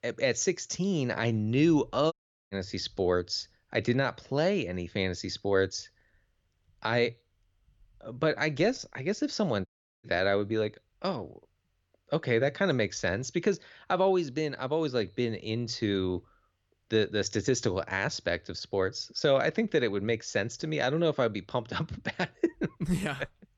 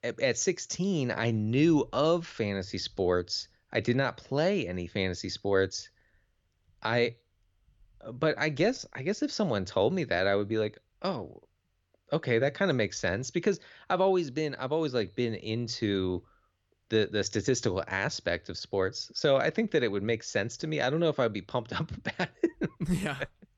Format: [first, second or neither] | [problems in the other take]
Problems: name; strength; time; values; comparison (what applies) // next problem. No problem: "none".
second | audio cutting out; at 2 s and at 9.5 s